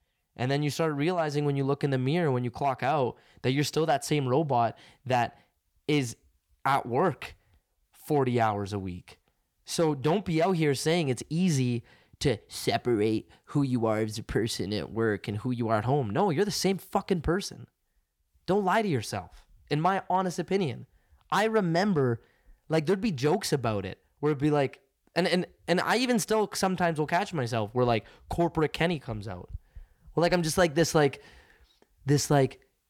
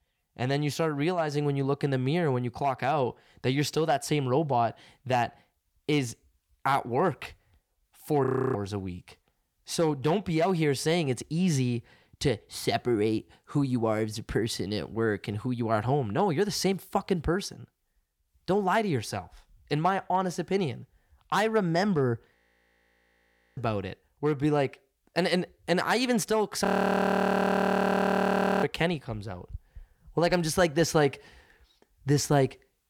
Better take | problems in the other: first | audio freezing; at 8.5 s, at 22 s for 1 s and at 27 s for 2 s

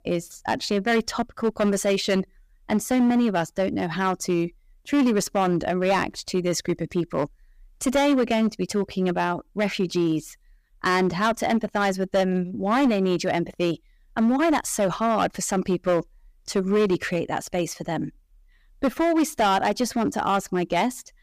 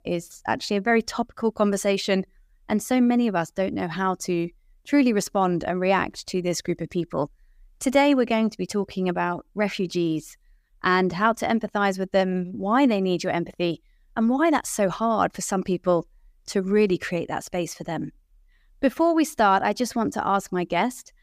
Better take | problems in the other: second | distortion; slight; 7% of the sound clipped

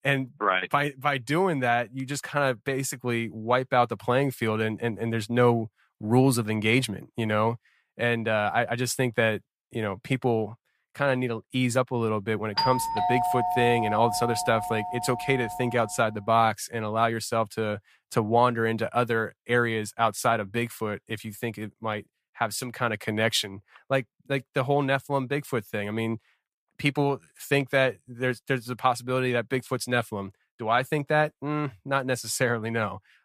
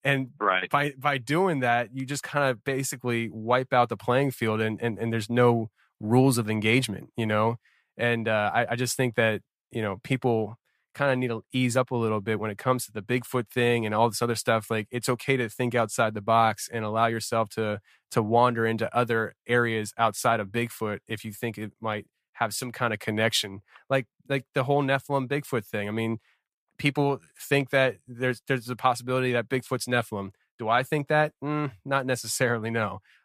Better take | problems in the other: second | doorbell; loud; from 13 to 16 s; peak 1 dB above the speech

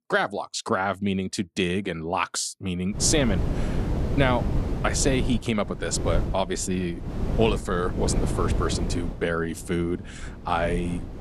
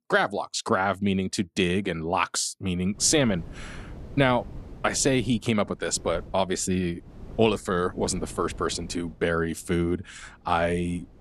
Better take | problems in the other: second | wind noise on the microphone; heavy; from 3 s on; 10 dB below the speech; occasional gusts in the second

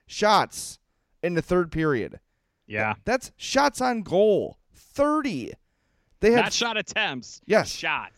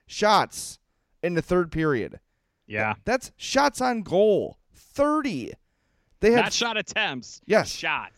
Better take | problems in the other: neither | none

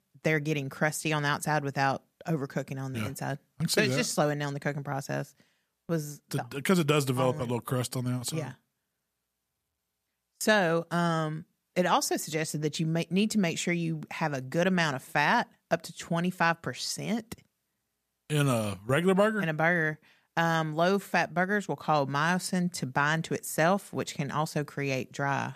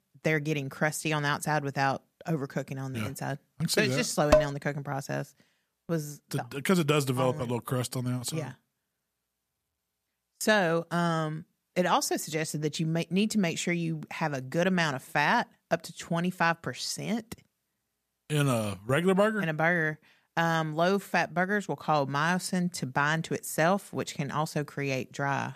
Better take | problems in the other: first | clattering dishes; loud; at 4.5 s; peak 4 dB above the speech

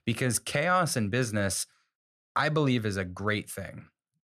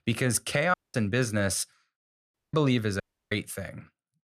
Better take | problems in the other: first | audio cutting out; at 0.5 s, at 2.5 s and at 3 s

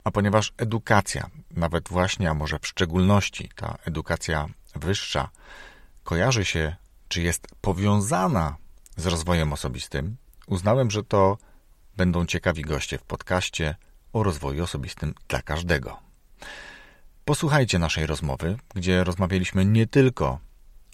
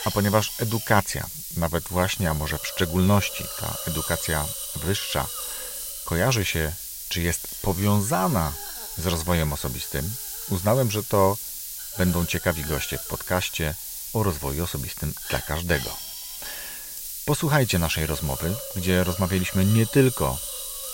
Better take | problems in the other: first | hiss; loud; throughout; 6 dB below the speech

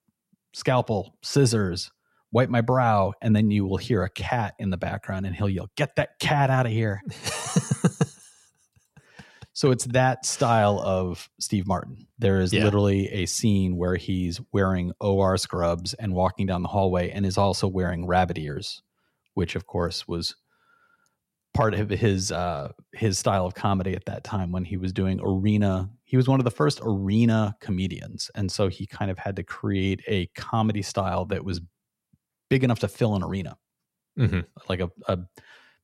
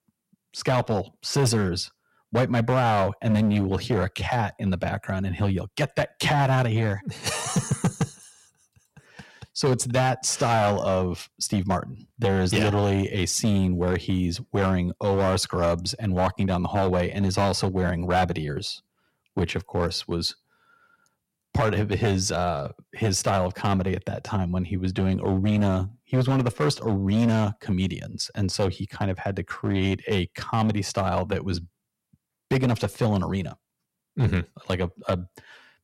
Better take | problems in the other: first | distortion; slight; 6% of the sound clipped

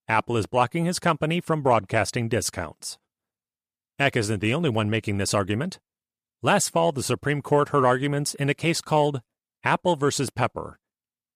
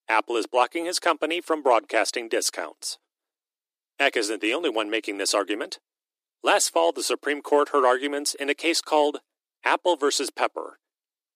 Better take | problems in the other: first | thin; somewhat; fading below 300 Hz

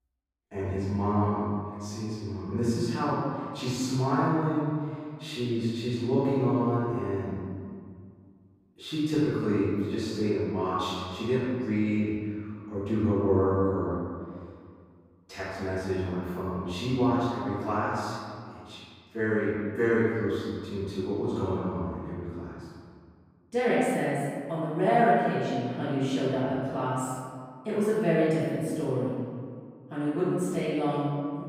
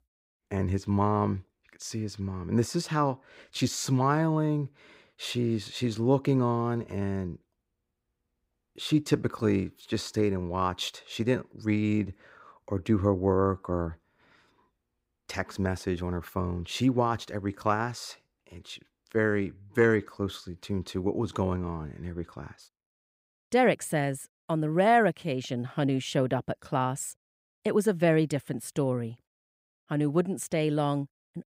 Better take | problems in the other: second | off-mic speech; far // room echo; strong; dies away in 1.9 s

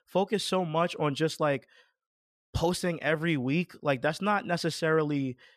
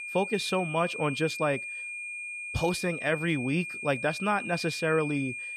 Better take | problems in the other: first | high-pitched whine; loud; throughout; 2.5 kHz, 6 dB below the speech

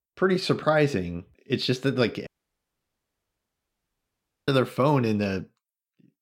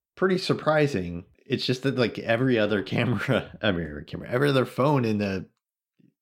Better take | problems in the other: second | audio cutting out; at 2.5 s for 2 s

